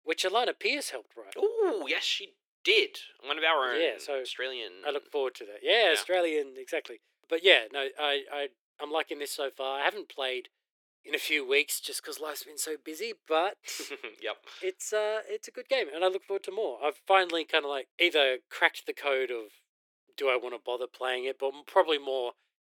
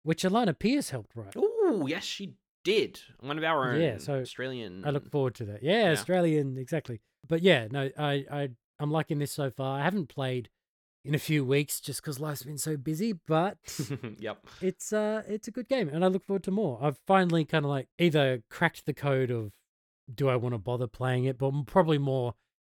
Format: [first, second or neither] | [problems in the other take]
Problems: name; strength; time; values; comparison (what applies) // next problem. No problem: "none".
second | thin; very; fading below 350 Hz